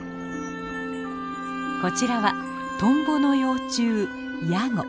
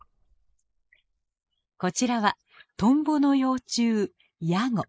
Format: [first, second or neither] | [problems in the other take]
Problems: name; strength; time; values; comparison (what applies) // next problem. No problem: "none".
first | noise reduction (neural mask model Resemble Enhance denoiser)